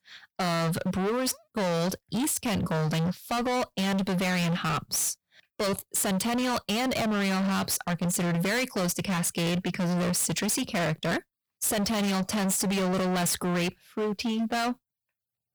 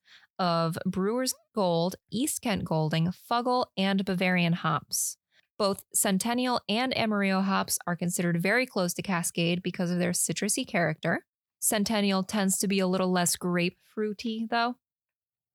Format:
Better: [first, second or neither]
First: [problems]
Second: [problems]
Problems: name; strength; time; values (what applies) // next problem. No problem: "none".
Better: second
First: distortion; heavy; 38% of the sound clipped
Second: none